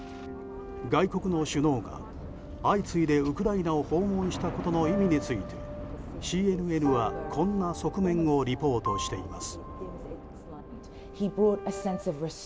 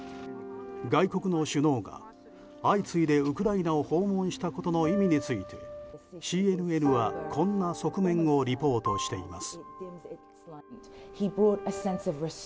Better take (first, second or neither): second